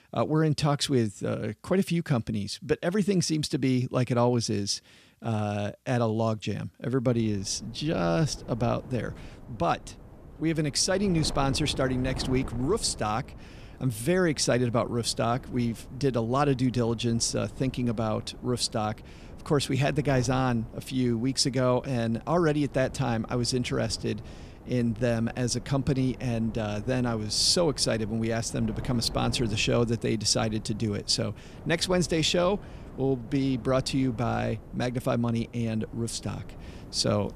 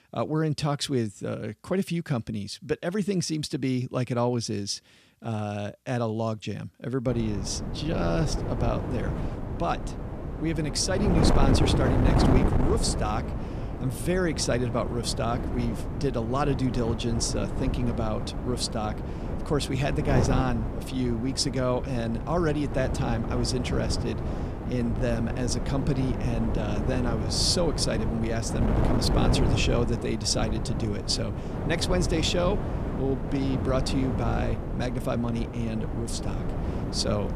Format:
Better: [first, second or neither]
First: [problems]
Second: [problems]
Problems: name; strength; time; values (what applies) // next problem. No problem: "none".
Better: first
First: wind noise on the microphone; occasional gusts; from 7 s on; 20 dB below the speech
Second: wind noise on the microphone; heavy; from 7 s on; 5 dB below the speech